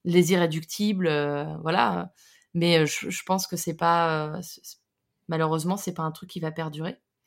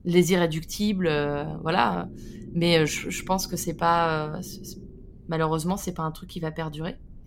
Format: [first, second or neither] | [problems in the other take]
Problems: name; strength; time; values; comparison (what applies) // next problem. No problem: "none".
first | low rumble; faint; throughout; 25 dB below the speech